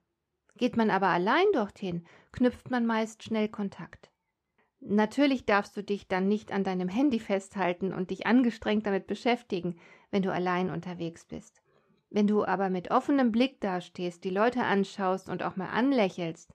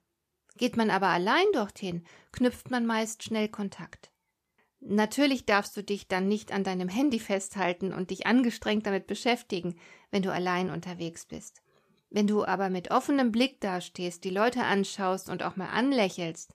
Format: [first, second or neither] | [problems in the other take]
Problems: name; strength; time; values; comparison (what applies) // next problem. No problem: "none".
second | muffled; very slightly; fading above 2 kHz